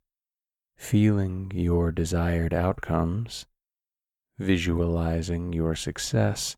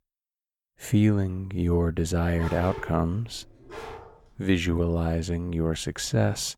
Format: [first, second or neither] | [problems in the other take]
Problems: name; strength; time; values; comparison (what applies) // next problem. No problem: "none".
first | dog barking; faint; from 2.5 to 4.5 s; peak 10 dB below the speech